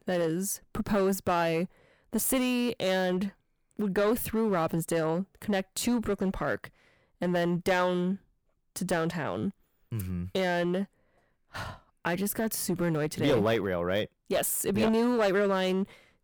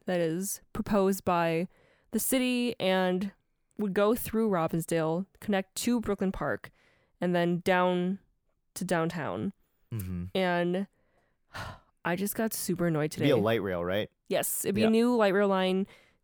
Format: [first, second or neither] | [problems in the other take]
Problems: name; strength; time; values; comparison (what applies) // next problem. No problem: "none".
second | distortion; slight; 6% of the sound clipped